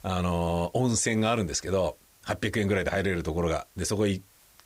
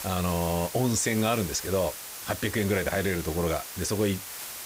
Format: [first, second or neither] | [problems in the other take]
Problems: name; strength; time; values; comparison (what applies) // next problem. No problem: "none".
first | hiss; loud; throughout; 8 dB below the speech; faint in the first